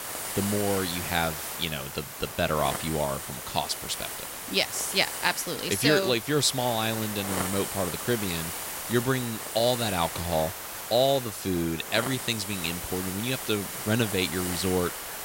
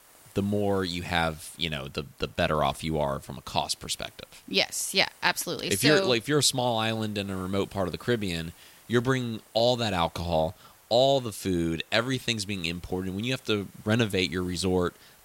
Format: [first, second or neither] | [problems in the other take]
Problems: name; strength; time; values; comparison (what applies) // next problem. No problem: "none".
second | hiss; loud; throughout; 5 dB below the speech; faint in the second